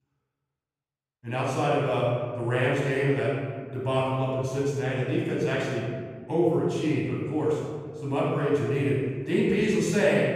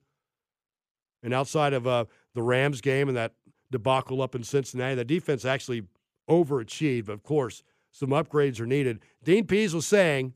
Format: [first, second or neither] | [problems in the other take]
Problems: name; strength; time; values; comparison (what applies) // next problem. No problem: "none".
second | off-mic speech; far // room echo; strong; dies away in 1.6 s